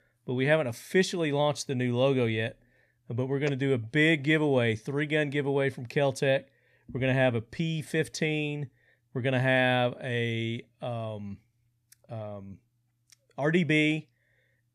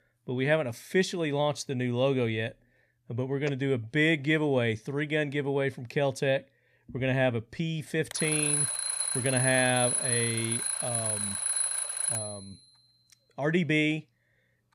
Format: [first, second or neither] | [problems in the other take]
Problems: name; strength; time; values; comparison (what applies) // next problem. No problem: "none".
first | alarm; loud; from 8 to 12 s; peak 4 dB above the speech